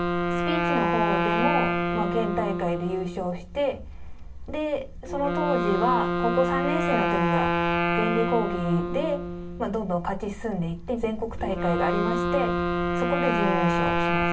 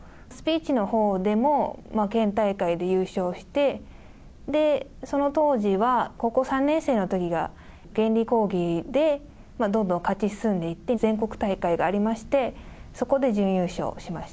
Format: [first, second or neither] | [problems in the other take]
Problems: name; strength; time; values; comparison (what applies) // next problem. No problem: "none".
second | background sound (Wind instrument, woodwind instrument); 1 dB above the speech // room echo; dies away in 0.2 s